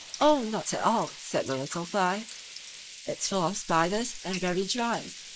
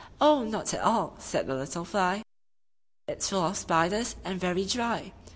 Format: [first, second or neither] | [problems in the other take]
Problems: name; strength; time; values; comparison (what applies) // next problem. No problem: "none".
second | noise reduction (neural mask model Resemble Enhance denoiser)